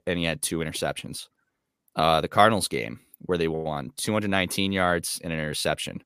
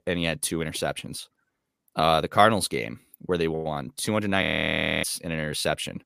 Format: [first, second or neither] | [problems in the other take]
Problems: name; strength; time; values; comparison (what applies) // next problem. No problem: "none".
first | audio freezing; at 4.5 s for 0.5 s